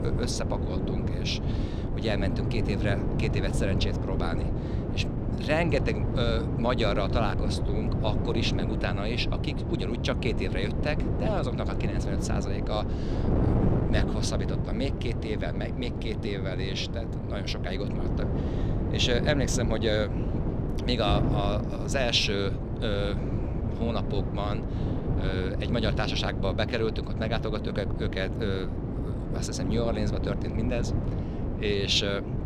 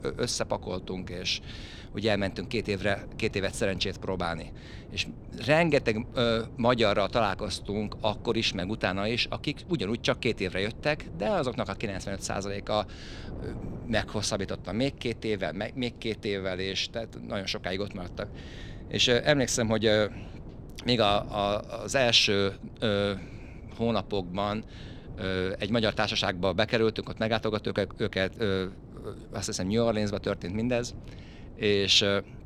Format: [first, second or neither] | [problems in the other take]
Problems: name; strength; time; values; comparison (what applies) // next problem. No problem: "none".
second | wind noise on the microphone; heavy; 5 dB below the speech; occasional gusts in the second